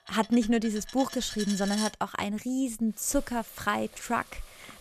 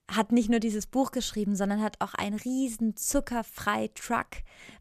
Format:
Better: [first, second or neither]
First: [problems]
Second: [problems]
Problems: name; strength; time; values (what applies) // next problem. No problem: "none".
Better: second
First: household noises; noticeable; throughout; 10 dB below the speech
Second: none